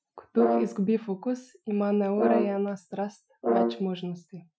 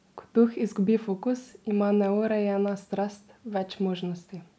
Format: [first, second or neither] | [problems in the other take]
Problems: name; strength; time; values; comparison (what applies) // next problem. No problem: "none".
second | noise reduction (classical method Wiener filter)